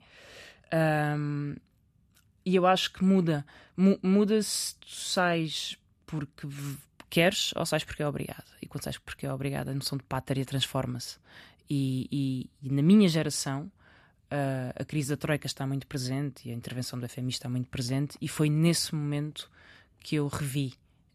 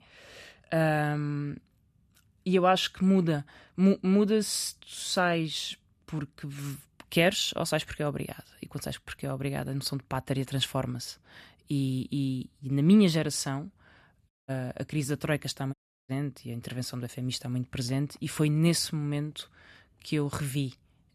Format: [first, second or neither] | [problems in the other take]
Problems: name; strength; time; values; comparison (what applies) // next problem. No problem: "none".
first | audio cutting out; at 14 s and at 16 s